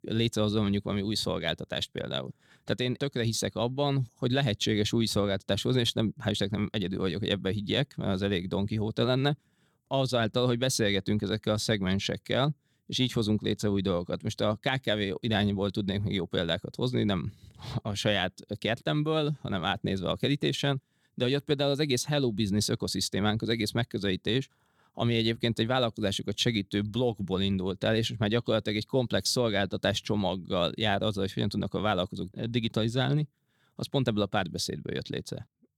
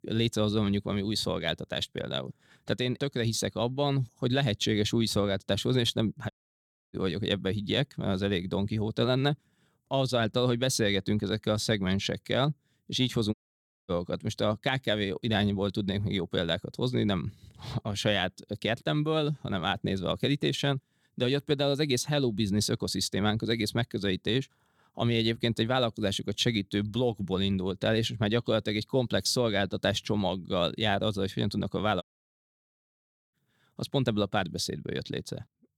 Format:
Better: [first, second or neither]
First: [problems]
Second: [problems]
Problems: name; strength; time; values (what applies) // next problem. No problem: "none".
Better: first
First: none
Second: audio cutting out; at 6.5 s for 0.5 s, at 13 s for 0.5 s and at 32 s for 1.5 s